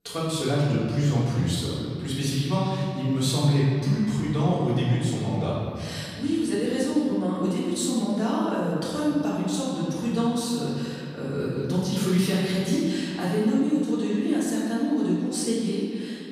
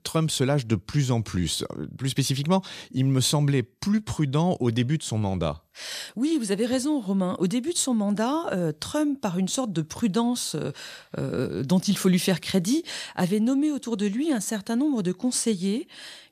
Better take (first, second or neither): second